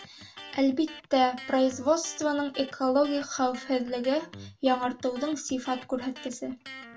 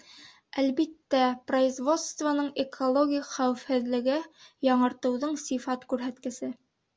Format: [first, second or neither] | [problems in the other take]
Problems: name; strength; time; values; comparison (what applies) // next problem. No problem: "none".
second | background sound (Electric guitar); 19 dB below the speech // room echo; dies away in 0.2 s